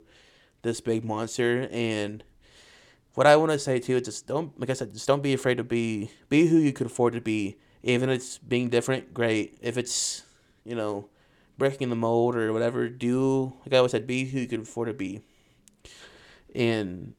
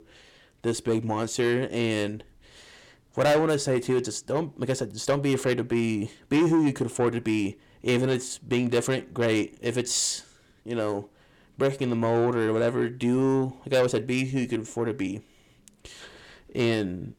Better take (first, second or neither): first